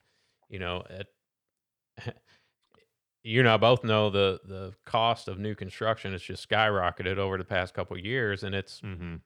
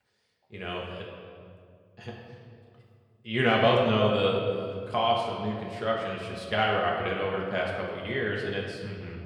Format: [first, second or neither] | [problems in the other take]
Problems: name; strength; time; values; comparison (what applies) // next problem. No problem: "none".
first | room echo; noticeable; dies away in 1.9 s // off-mic speech; somewhat distant